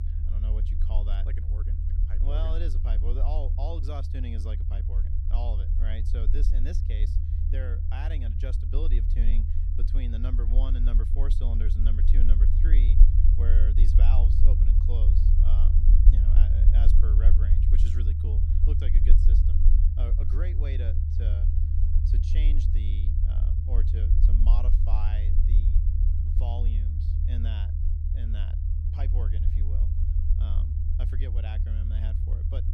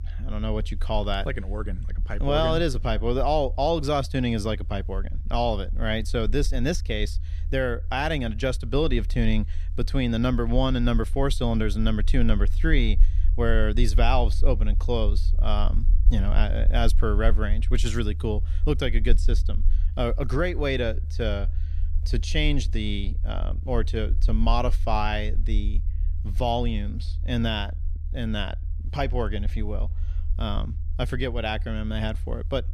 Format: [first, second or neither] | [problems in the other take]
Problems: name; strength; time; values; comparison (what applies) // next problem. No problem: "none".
second | low rumble; loud; throughout; as loud as the speech; faint in the second